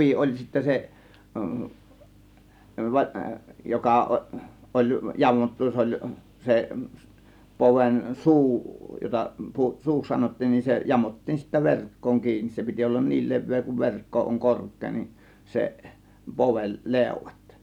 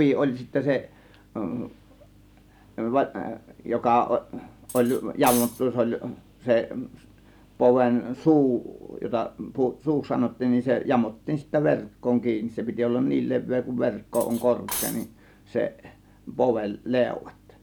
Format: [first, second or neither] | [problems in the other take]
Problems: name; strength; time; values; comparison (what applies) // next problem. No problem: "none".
first | background sound (Cutlery, silverware); 12 dB below the speech